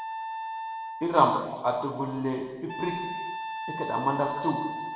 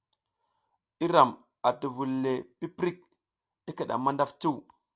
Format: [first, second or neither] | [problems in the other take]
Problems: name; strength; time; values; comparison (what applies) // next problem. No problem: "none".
second | background sound (Wind instrument, woodwind instrument); 7 dB below the speech // room echo; dies away in 1.2 s